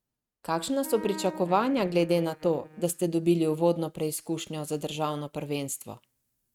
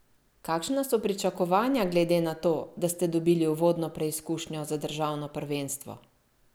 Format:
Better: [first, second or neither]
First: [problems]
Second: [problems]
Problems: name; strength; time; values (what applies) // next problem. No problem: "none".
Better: second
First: noise reduction (neural mask model RNNoise)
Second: none